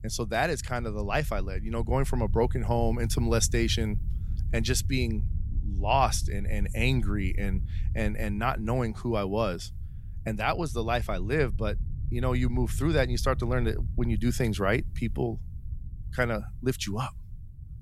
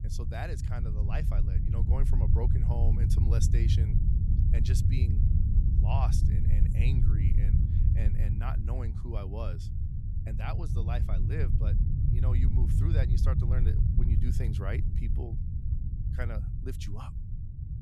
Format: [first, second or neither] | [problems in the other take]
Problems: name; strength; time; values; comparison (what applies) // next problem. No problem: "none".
first | low rumble; loud; throughout; 1 dB below the speech; faint in the first